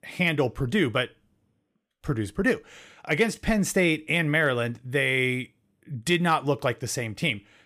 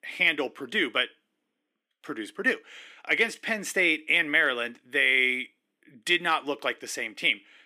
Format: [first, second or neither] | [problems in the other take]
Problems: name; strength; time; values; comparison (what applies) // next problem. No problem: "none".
first | thin; somewhat; fading below 250 Hz